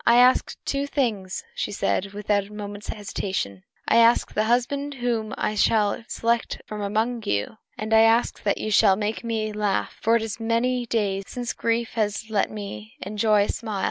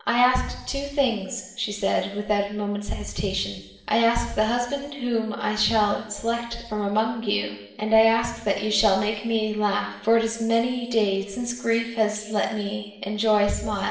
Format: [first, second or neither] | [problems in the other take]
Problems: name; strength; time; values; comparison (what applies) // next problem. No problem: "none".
first | room echo; dies away in 0.9 s